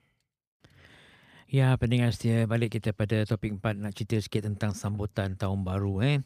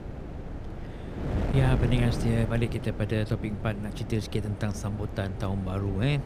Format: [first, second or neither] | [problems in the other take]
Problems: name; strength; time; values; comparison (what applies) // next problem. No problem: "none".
first | wind noise on the microphone; heavy; 6 dB below the speech